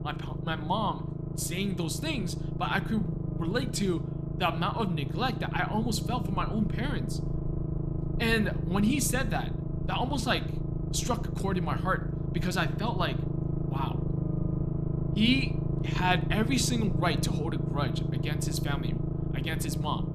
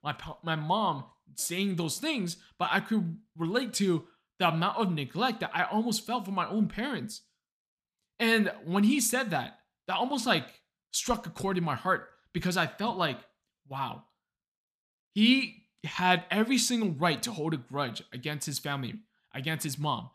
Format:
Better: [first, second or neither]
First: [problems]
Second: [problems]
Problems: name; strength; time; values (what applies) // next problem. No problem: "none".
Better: second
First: low rumble; loud; throughout; 9 dB below the speech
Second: none